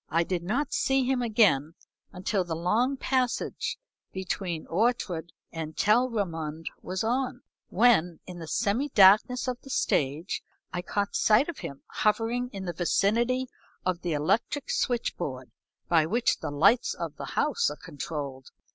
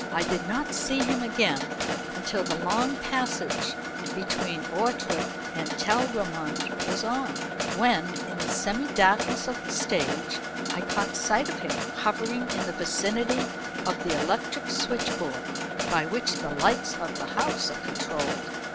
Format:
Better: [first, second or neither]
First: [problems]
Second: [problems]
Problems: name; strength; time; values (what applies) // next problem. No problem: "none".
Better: first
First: none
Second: background sound (Mechanisms); 2 dB below the speech